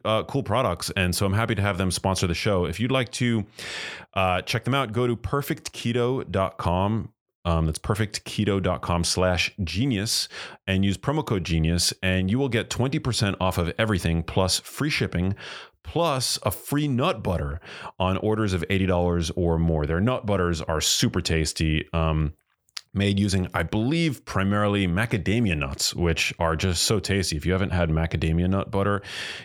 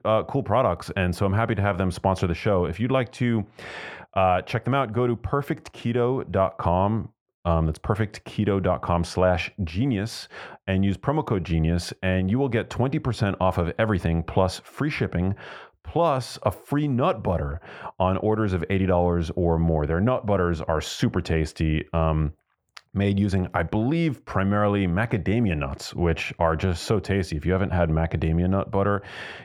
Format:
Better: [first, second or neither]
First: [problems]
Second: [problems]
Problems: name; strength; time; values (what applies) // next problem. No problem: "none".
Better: first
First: none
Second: muffled; slightly; fading above 3 kHz